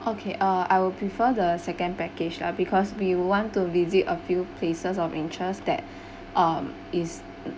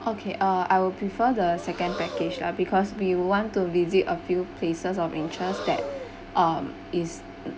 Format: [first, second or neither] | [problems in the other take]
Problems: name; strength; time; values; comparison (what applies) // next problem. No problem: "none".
first | background sound (Breathing); 15 dB below the speech